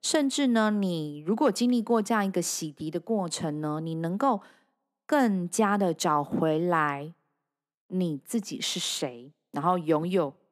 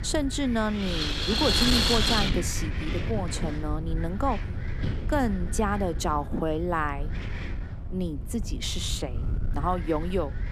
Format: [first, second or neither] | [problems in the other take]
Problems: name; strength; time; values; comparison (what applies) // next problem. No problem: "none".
first | wind noise on the microphone; heavy; 2 dB above the speech